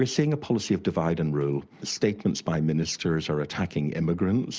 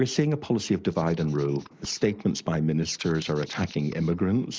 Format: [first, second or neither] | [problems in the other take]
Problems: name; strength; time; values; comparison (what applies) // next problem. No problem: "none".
first | noise reduction (neural mask model Resemble Enhance denoiser)